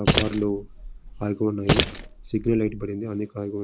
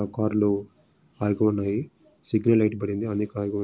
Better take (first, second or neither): second